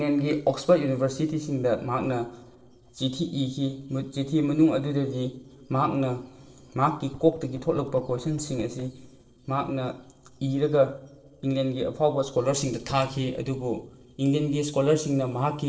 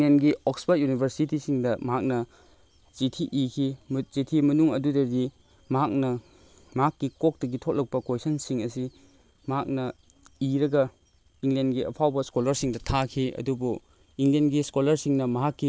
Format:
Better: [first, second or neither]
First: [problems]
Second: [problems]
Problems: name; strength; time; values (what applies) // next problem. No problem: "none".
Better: second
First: noise reduction (neural separator model SepFormer DNS4)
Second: none